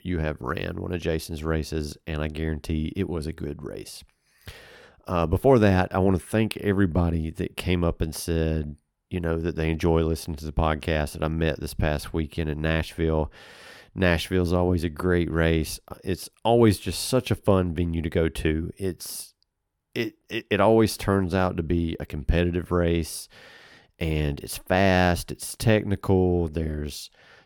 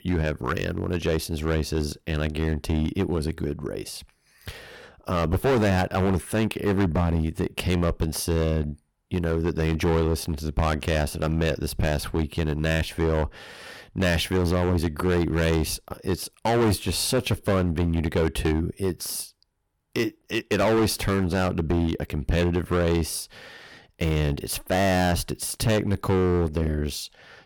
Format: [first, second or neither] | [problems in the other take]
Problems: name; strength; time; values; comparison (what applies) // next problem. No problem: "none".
first | distortion; heavy; 11% of the sound clipped